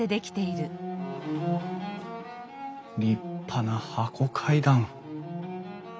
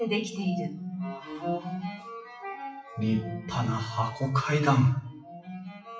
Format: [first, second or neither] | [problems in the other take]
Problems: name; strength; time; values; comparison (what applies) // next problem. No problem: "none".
first | noise reduction (classical method WPE with log-MMSE)